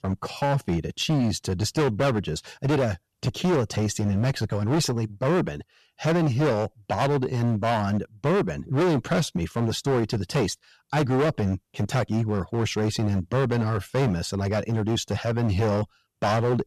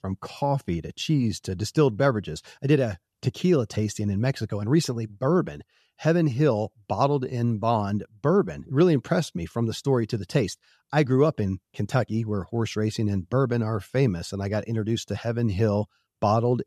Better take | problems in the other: second | distortion; heavy; 17% of the sound clipped

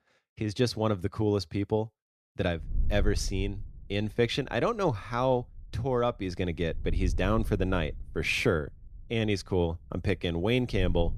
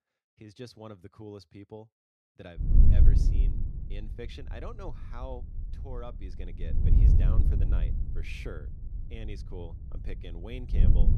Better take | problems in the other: first | wind noise on the microphone; heavy; from 2.5 s on; 3 dB above the speech; occasional gusts in the first

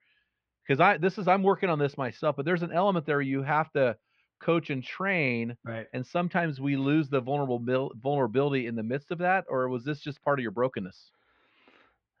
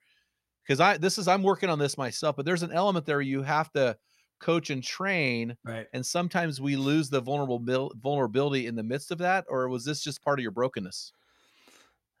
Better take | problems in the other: second | muffled; very; fading above 3 kHz

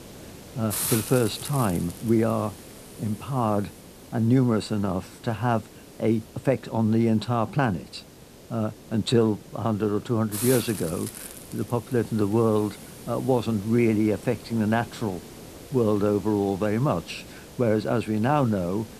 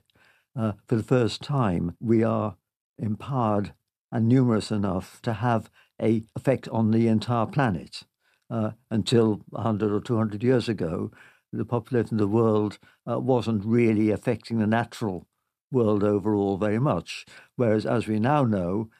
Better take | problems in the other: second | hiss; noticeable; throughout; 15 dB below the speech

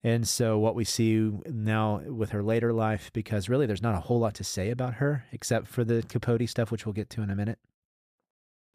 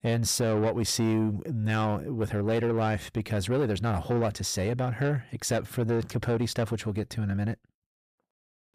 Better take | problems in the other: first | distortion; slight; 10 dB below the speech

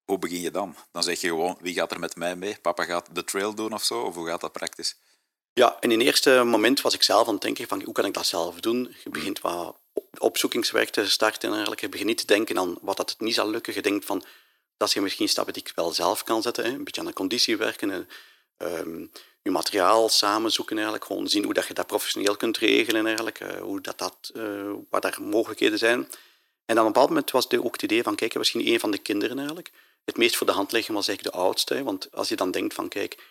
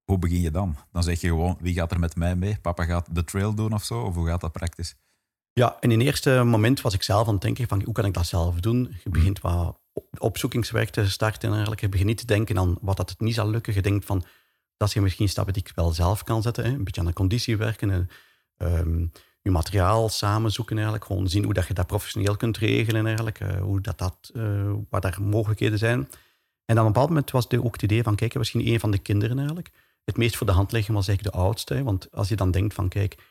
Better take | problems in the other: second | thin; very; fading below 300 Hz

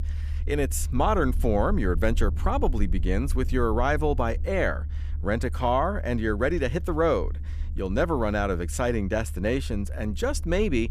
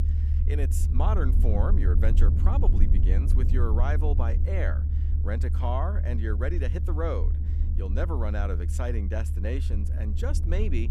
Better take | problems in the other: first | low rumble; loud; throughout; 7 dB below the speech; faint in the first

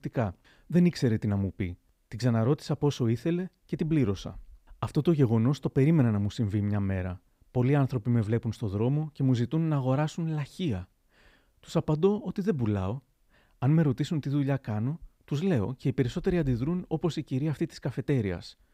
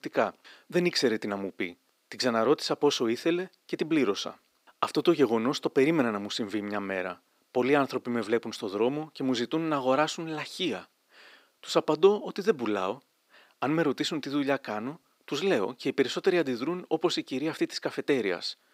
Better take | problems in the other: first | thin; somewhat; fading below 300 Hz

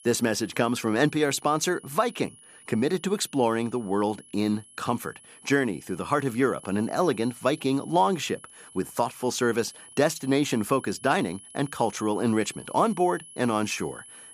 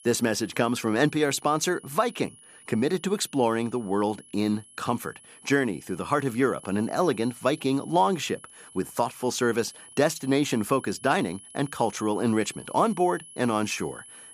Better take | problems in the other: neither | high-pitched whine; faint; throughout; 10.5 kHz, 20 dB below the speech; the same in both

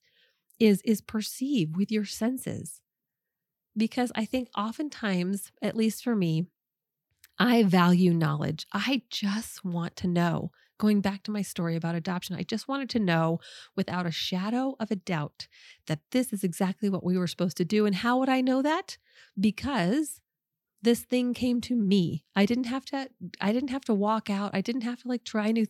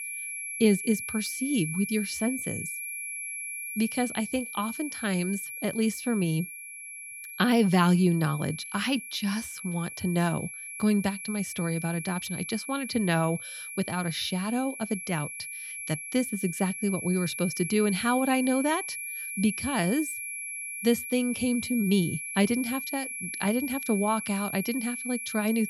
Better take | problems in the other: first | high-pitched whine; loud; throughout; 2.5 kHz, 7 dB below the speech

